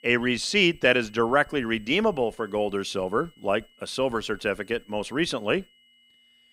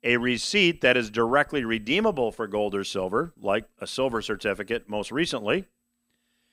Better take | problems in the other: second | high-pitched whine; faint; throughout; 3 kHz, 30 dB below the speech

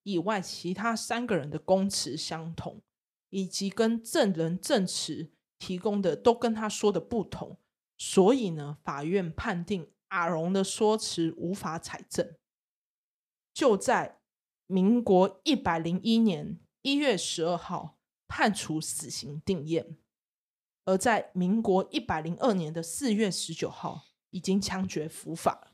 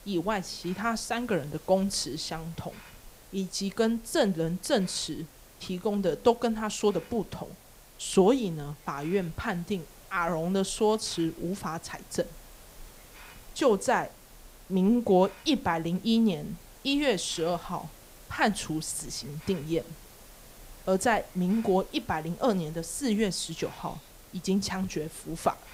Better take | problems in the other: first | hiss; faint; throughout; 20 dB below the speech

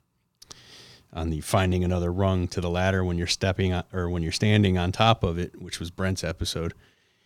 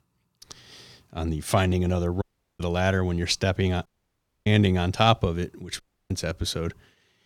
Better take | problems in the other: first | audio cutting out; at 2 s, at 4 s for 0.5 s and at 6 s

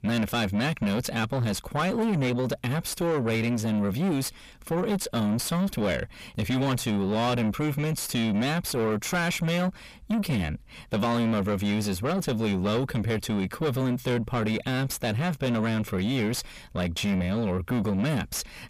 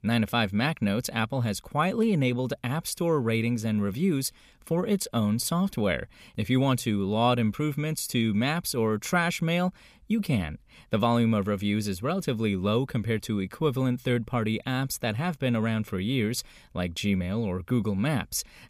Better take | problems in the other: second | distortion; heavy; 7 dB below the speech

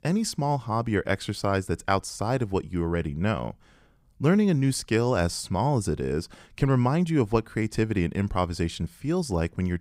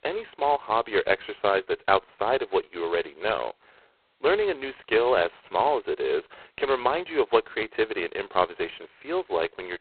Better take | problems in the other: first | phone-call audio; poor line; nothing above 4 kHz

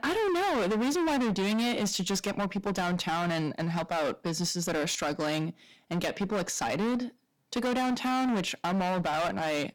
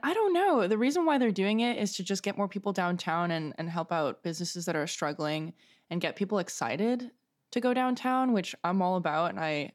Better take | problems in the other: second | distortion; heavy; 29% of the sound clipped

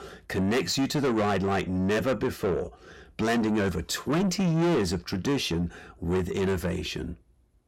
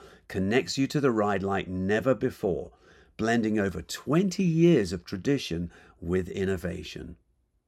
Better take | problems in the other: second | distortion; heavy; 6 dB below the speech

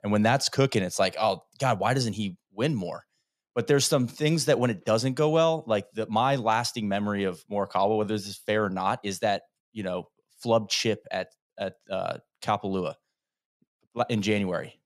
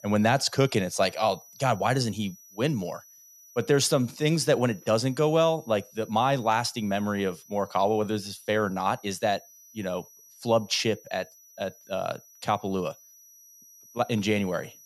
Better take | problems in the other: first | high-pitched whine; faint; throughout; 6 kHz, 25 dB below the speech

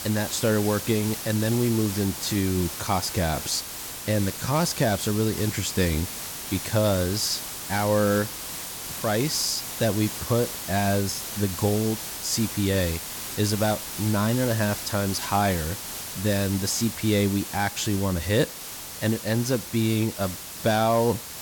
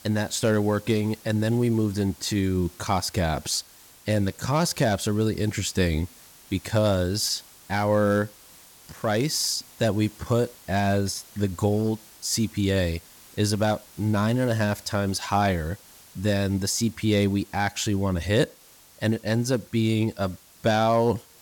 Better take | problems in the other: second | hiss; loud; throughout; 7 dB below the speech; faint in the second

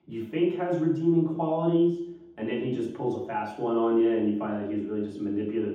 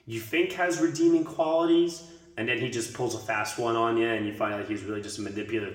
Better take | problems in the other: second | room echo; strong; dies away in 0.9 s; slight in the second // off-mic speech; far

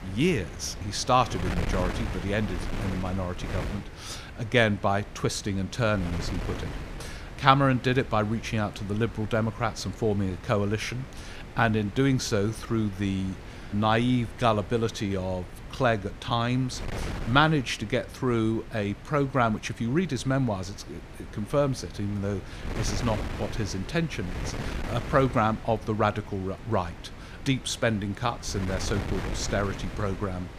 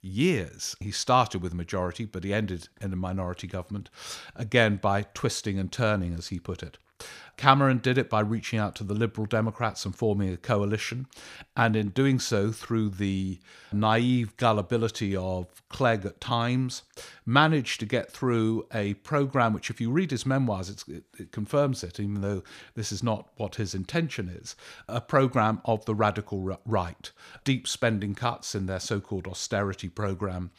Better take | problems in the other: second | wind noise on the microphone; occasional gusts; 15 dB below the speech

